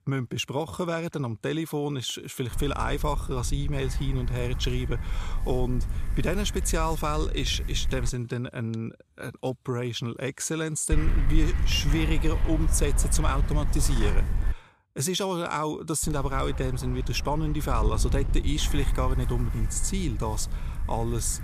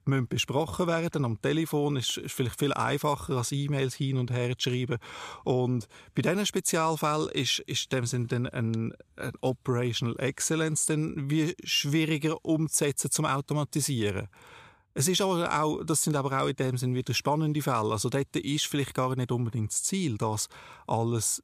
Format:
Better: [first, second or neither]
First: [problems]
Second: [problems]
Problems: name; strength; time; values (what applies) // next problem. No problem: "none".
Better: second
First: wind noise on the microphone; occasional gusts; from 2.5 to 8 s, from 11 to 15 s and from 16 s on; 10 dB below the speech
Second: none